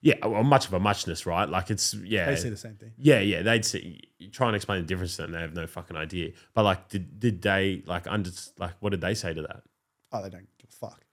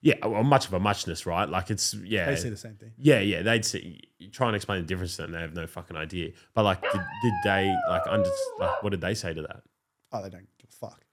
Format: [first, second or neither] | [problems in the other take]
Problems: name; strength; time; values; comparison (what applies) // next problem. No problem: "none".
first | dog barking; loud; from 7 to 9 s; peak 1 dB above the speech